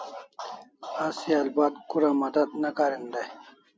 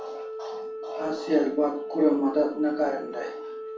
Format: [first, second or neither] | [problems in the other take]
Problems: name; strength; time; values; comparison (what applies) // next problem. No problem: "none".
first | background sound (Organ); 9 dB below the speech // room echo; dies away in 0.3 s